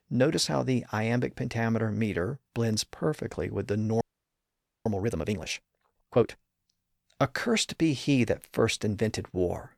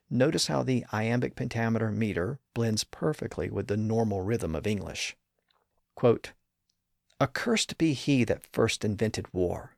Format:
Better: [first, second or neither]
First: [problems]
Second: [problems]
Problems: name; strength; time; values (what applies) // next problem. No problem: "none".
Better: second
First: audio freezing; at 4 s for 1 s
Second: none